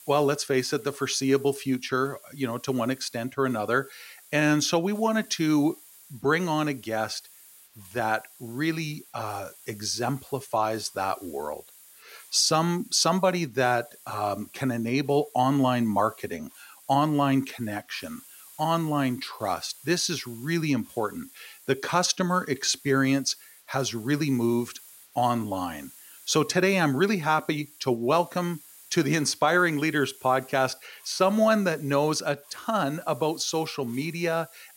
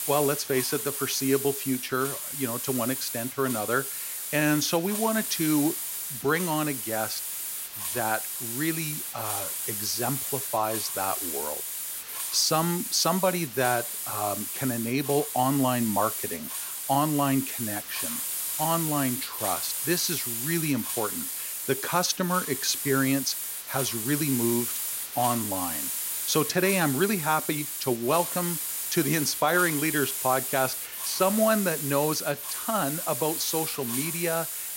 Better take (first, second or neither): first